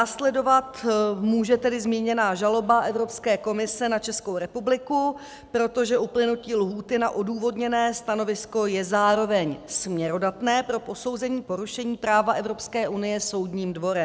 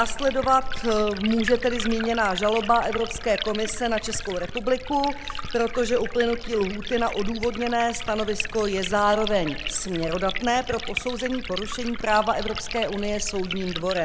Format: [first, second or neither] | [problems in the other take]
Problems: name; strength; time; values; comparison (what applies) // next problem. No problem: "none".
first | background sound (Liquid); 7 dB below the speech